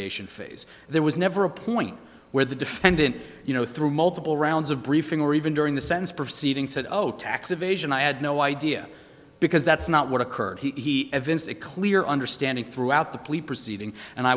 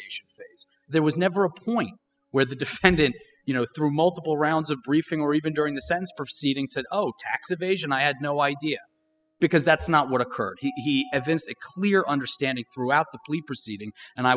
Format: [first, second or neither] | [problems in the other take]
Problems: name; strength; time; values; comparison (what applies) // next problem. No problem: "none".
first | noise reduction (classical method spectral subtraction)